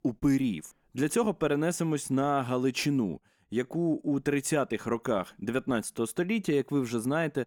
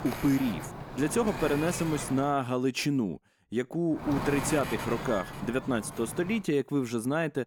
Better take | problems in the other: first | wind noise on the microphone; heavy; until 2.5 s and from 4 to 6.5 s; 6 dB below the speech

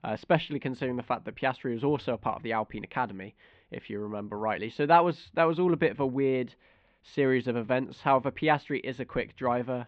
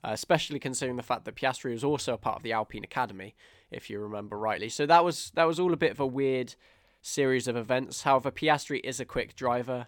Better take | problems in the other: second | muffled; very; fading above 3 kHz

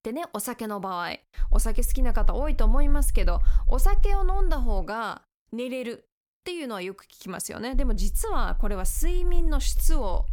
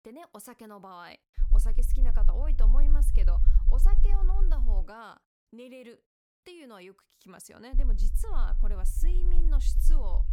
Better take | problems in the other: first | low rumble; loud; from 1.5 to 5 s and from 7.5 s on; 8 dB below the speech; faint in the first

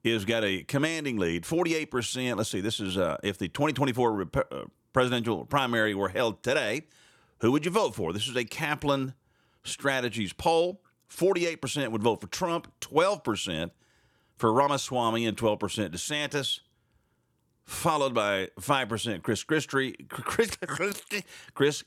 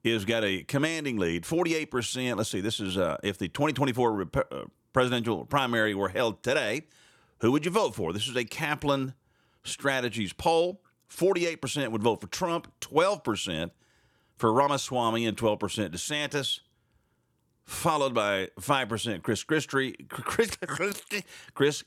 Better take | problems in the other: neither | none

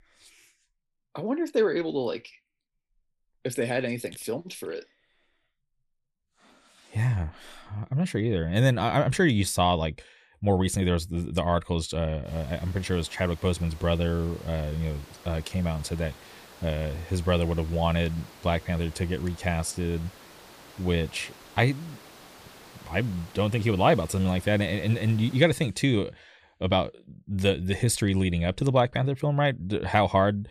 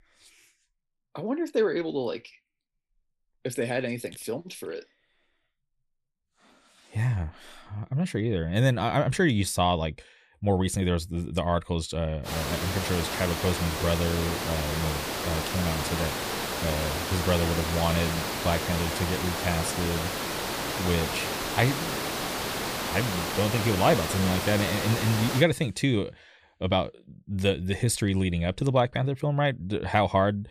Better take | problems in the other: first | hiss; loud; from 12 to 25 s; 2 dB below the speech; faint in the first

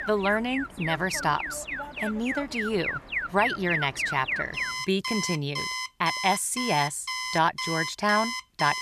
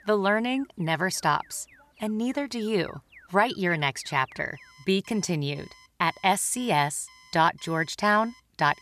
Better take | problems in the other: second | alarms or sirens; loud; throughout; 3 dB below the speech; faint in the second

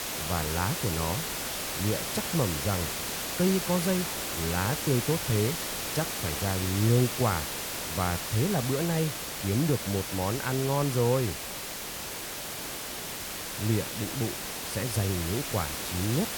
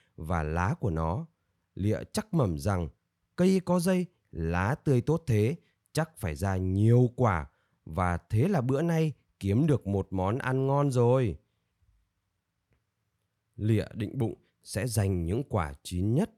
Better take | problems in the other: second | hiss; loud; throughout; 2 dB below the speech

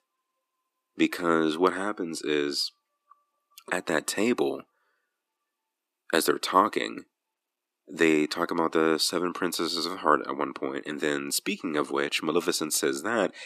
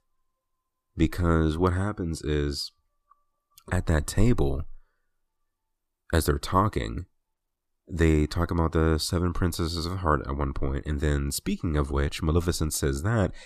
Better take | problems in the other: second | thin; somewhat; fading below 250 Hz

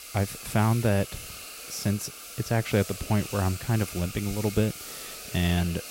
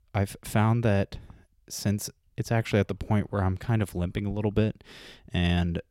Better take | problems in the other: second | hiss; noticeable; throughout; 10 dB below the speech

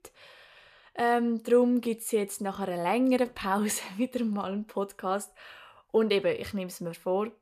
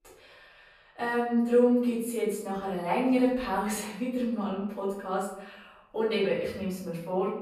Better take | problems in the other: first | off-mic speech; far // room echo; noticeable; dies away in 0.7 s

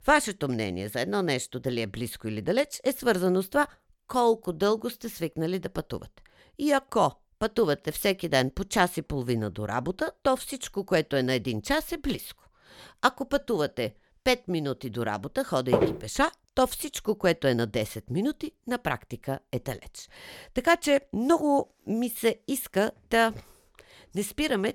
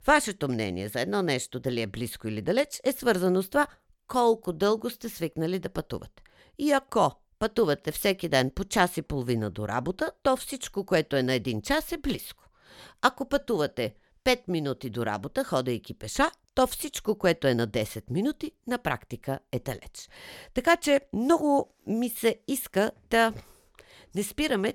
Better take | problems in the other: second | footsteps; loud; at 16 s; peak 2 dB above the speech

